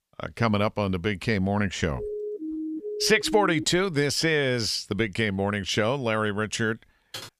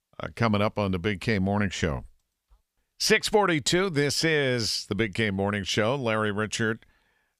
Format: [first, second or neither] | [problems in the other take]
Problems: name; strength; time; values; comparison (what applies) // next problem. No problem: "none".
second | siren; noticeable; from 2 to 3.5 s; peak 7 dB below the speech // keyboard typing; faint; at 7 s; peak 15 dB below the speech